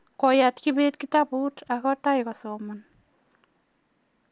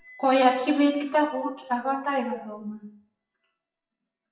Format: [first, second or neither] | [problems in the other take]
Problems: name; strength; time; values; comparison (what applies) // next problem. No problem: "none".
first | noise reduction (classical method WPE with log-MMSE)